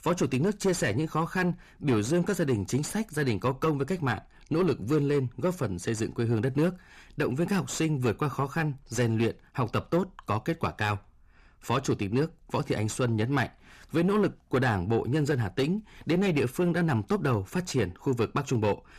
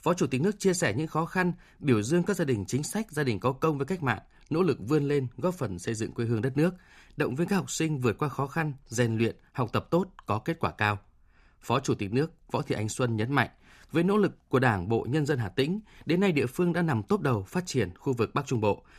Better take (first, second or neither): second